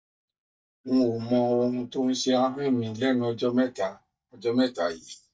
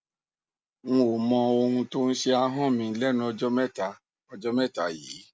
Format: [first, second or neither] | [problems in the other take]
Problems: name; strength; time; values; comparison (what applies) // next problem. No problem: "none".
second | noise reduction (neural mask model DeepFilterNet 3)